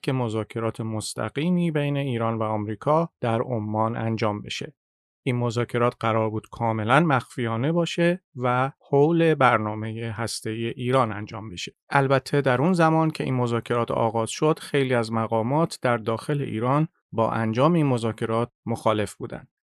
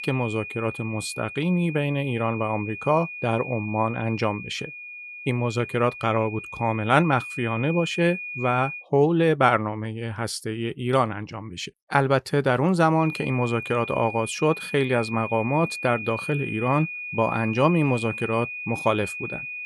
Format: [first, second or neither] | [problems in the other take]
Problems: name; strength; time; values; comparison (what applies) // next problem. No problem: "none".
first | high-pitched whine; loud; until 9 s and from 13 s on; 2.5 kHz, 9 dB below the speech